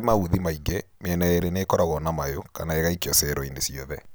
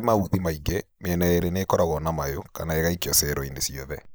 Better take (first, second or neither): first